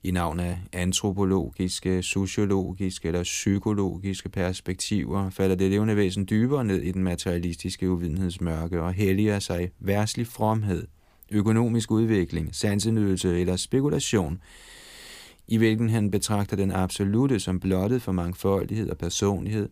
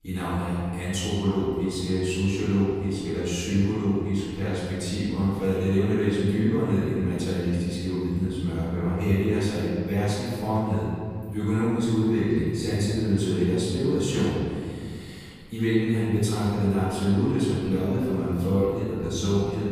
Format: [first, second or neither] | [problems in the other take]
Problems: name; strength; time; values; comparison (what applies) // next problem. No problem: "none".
first | off-mic speech; far // room echo; strong; dies away in 2.1 s